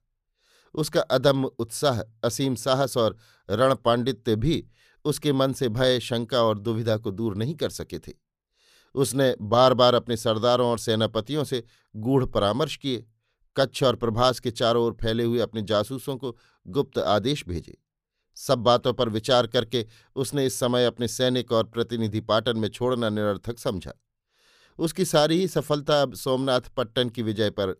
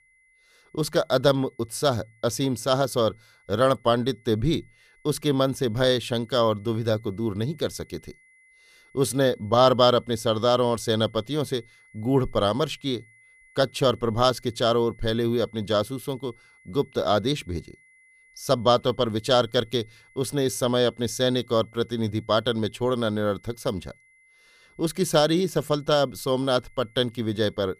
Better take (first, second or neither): first